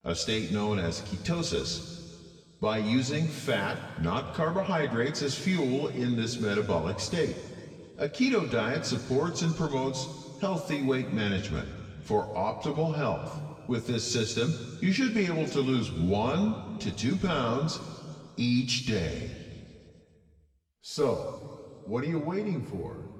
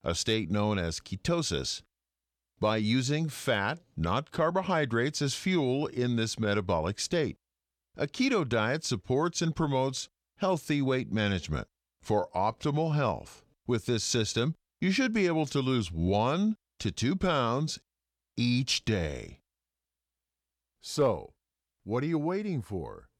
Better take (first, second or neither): second